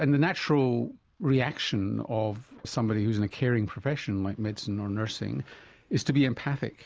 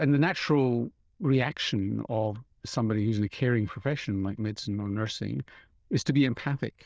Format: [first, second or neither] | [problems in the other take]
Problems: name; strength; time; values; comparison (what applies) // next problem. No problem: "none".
first | noise reduction (neural diffusion model UNIVERSE++)